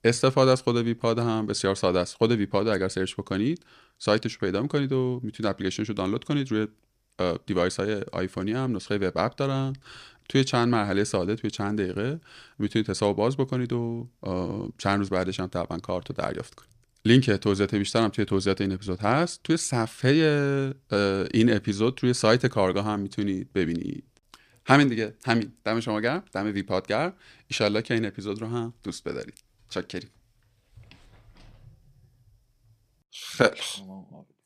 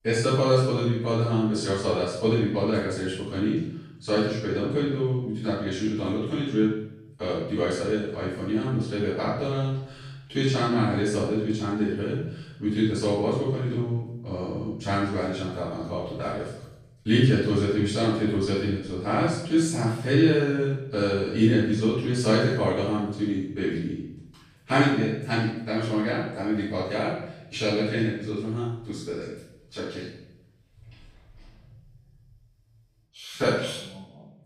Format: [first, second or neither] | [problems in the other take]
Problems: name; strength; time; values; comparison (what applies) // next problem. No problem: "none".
first | off-mic speech; far // room echo; strong; dies away in 0.7 s